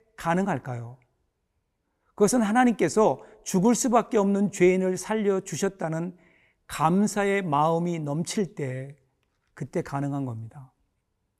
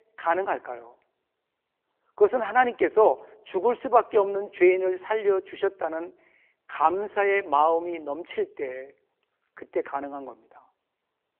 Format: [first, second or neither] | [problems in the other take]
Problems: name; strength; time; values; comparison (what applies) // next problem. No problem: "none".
first | phone-call audio